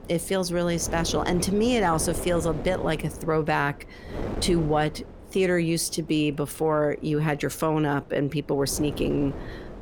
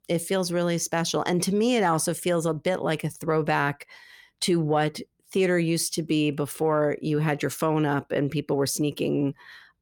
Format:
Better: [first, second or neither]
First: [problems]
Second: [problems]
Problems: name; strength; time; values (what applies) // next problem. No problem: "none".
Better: second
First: wind noise on the microphone; occasional gusts; 15 dB below the speech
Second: none